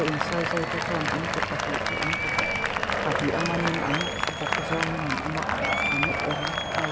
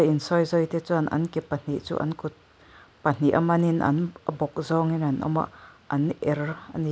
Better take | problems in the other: second | background sound (Applause + Fixed-wing aircraft, airplane); 5 dB above the speech

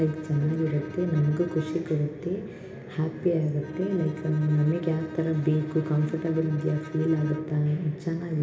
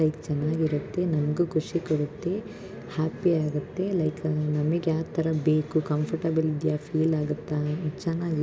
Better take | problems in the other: second | background sound (Bowed string instrument); 14 dB below the speech // room echo; dies away in 1.1 s

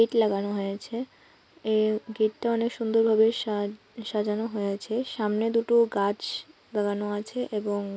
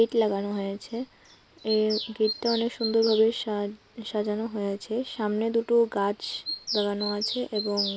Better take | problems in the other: first | background sound (Bird vocalization, bird call, bird song); 11 dB below the speech

